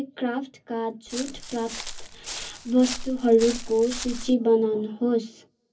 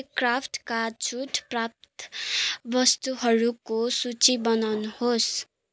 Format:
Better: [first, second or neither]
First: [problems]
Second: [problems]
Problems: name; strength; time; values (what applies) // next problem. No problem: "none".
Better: second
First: background sound (Walk, footsteps); 10 dB below the speech // room echo; dies away in 0.3 s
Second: none